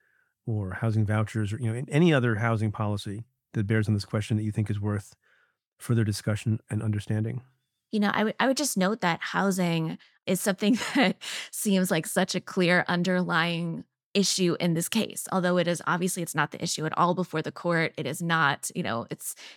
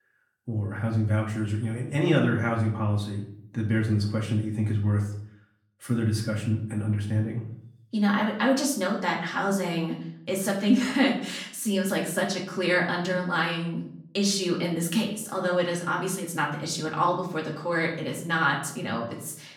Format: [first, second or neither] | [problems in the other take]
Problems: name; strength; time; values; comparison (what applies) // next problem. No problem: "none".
first | room echo; slight; dies away in 0.5 s // off-mic speech; far